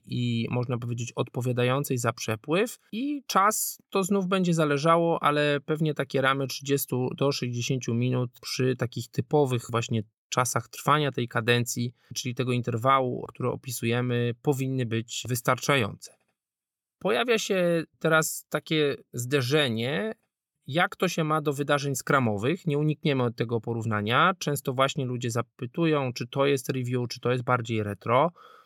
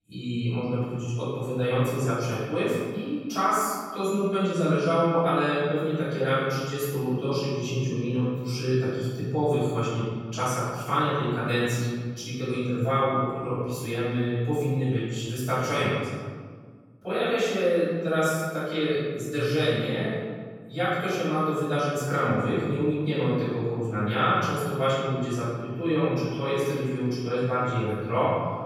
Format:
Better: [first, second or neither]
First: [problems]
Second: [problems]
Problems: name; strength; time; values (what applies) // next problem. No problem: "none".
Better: first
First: none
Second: room echo; strong; dies away in 1.6 s // off-mic speech; far